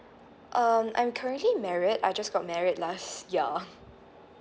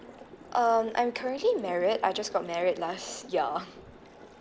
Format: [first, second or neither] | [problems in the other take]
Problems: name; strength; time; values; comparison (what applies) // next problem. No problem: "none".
first | background sound (Water tap, faucet); 19 dB below the speech